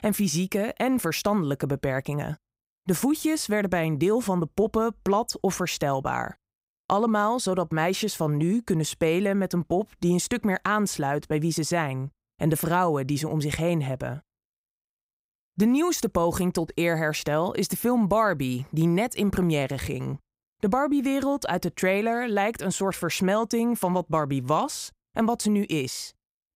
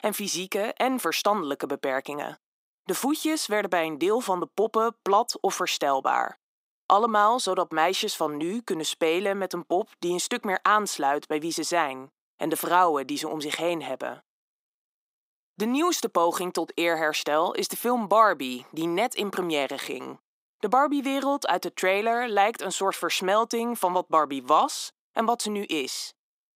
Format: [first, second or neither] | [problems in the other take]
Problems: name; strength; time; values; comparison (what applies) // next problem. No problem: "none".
first | thin; somewhat; fading below 250 Hz